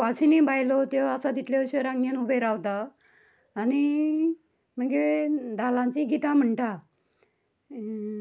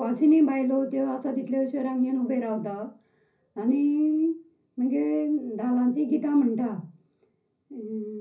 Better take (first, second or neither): first